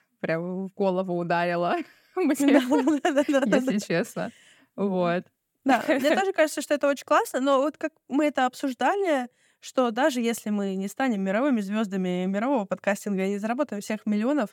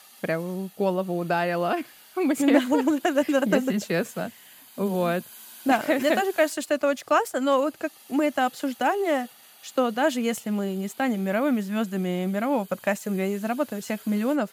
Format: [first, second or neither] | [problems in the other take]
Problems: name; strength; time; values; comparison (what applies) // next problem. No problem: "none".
first | hiss; faint; throughout; 20 dB below the speech